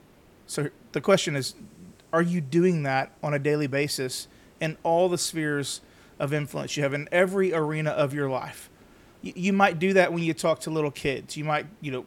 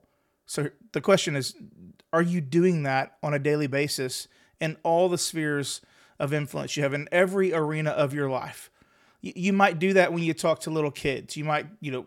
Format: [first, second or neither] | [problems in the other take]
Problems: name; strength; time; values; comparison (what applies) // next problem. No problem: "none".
second | hiss; faint; throughout; 30 dB below the speech